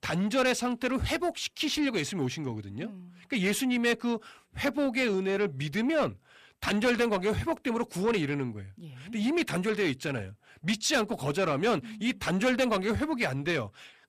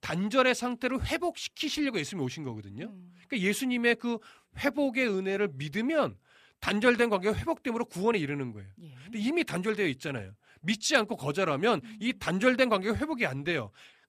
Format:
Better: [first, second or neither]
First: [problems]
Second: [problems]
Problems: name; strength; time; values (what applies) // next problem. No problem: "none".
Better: second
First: distortion; slight; 10 dB below the speech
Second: none